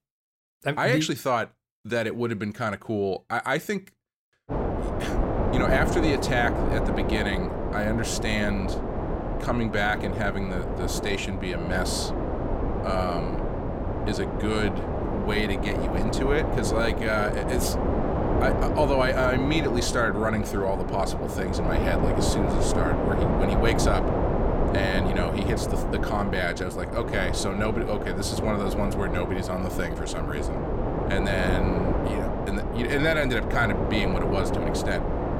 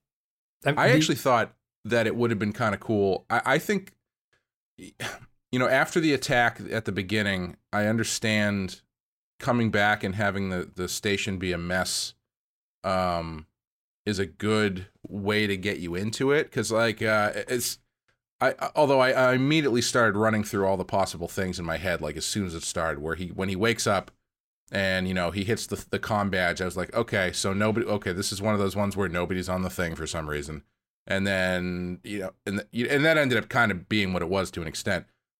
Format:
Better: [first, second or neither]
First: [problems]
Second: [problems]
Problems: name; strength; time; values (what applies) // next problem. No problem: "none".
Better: second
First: wind noise on the microphone; heavy; from 4.5 s on; 2 dB below the speech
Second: none